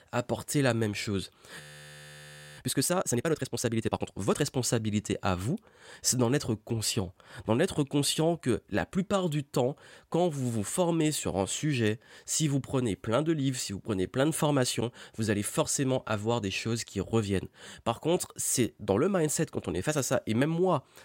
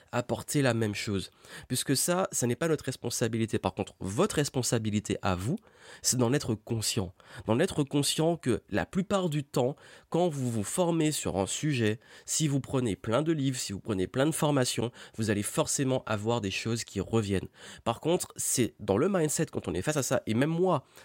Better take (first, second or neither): second